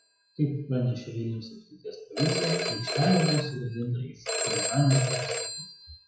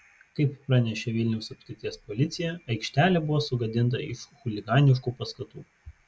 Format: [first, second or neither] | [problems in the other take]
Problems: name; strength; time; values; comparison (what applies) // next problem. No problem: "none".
second | noise reduction (classical method WPE with log-MMSE)